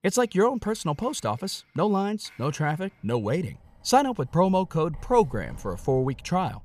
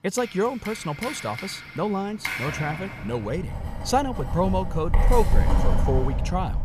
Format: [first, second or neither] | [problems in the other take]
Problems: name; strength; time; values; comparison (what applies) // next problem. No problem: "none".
first | household noises; loud; throughout; 1 dB below the speech; faint in the first